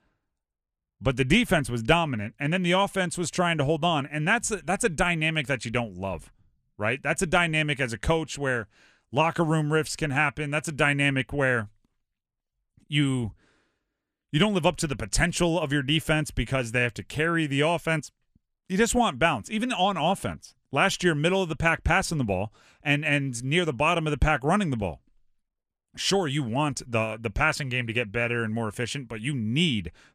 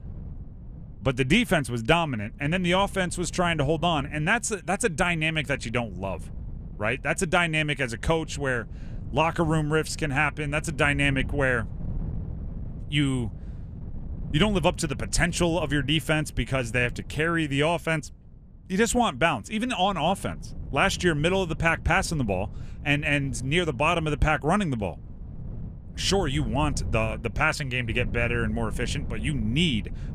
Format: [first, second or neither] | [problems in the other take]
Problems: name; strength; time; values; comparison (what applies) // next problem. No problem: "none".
first | wind noise on the microphone; occasional gusts; 25 dB below the speech